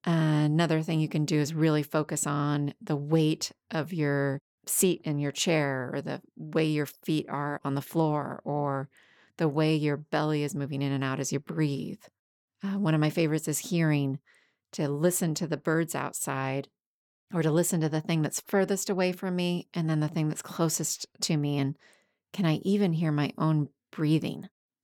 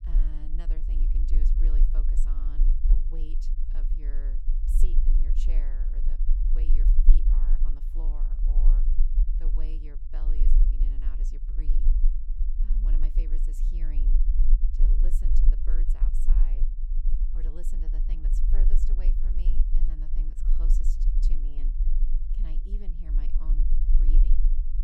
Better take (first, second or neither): first